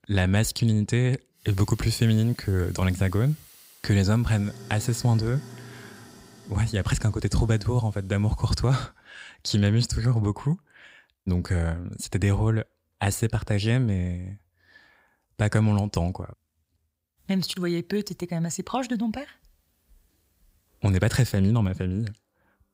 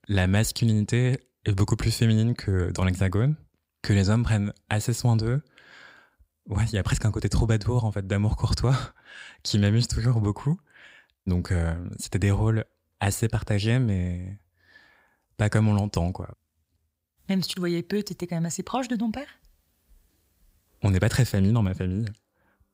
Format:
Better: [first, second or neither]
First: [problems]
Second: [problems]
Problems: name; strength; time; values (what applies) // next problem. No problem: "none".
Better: second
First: household noises; faint; until 10 s; 20 dB below the speech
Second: none